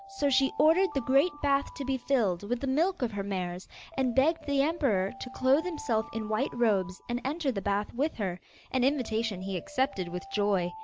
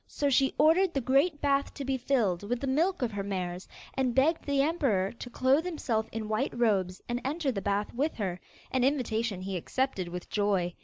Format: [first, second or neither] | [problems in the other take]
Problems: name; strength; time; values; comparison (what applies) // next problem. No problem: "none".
second | background sound (Alarm); 19 dB below the speech